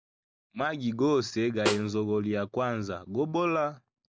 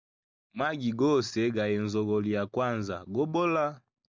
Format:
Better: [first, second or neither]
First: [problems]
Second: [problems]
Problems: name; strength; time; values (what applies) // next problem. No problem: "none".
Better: second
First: background sound (Snare drum); 6 dB below the speech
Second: none